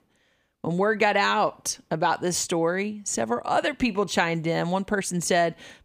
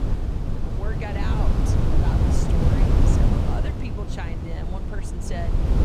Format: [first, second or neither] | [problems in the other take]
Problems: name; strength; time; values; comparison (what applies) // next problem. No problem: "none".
first | wind noise on the microphone; heavy; 4 dB above the speech